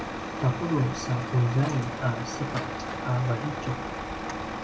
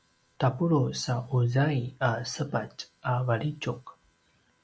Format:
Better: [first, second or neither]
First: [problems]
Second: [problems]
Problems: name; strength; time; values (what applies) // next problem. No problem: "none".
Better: second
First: background sound (Truck); 4 dB below the speech // room echo; dies away in 0.2 s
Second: none